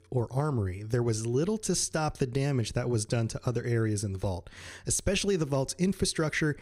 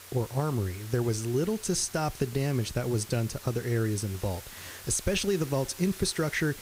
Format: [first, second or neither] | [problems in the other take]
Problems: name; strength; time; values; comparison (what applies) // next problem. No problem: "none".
first | hiss; noticeable; throughout; 15 dB below the speech